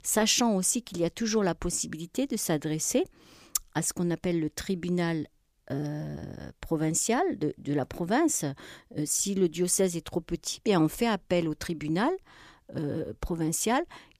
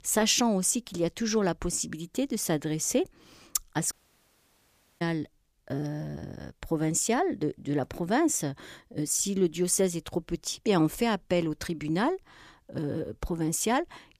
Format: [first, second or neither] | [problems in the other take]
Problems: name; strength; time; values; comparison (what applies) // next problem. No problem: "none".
first | audio cutting out; at 4 s for 1 s